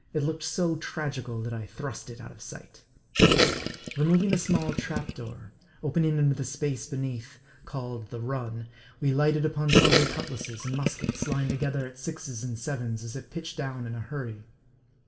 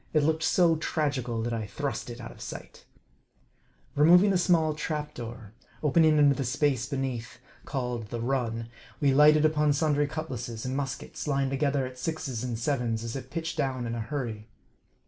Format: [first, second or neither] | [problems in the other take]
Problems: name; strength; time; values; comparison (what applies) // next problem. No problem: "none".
second | background sound (Gurgling); 3 dB above the speech // room echo; dies away in 0.7 s